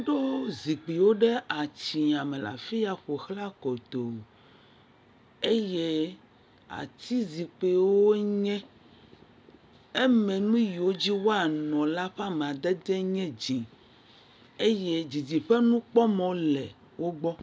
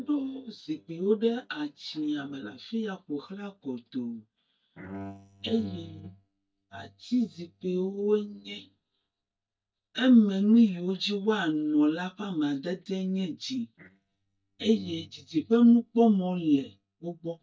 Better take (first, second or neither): first